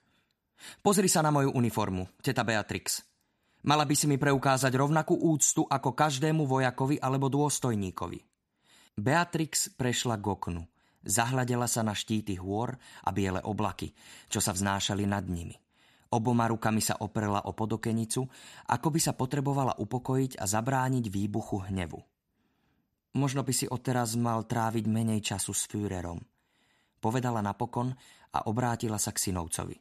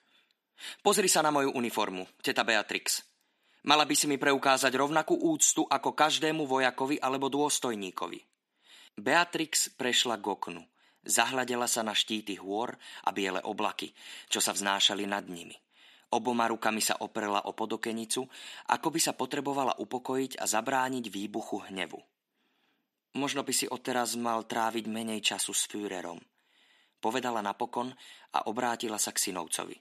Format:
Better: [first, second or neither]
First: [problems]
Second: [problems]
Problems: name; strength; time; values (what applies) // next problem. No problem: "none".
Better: first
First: none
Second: thin; somewhat; fading below 300 Hz